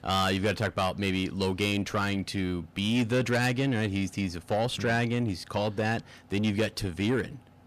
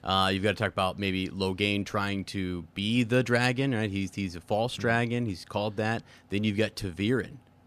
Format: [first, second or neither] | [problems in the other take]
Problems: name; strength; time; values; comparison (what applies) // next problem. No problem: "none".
second | distortion; slight; 10 dB below the speech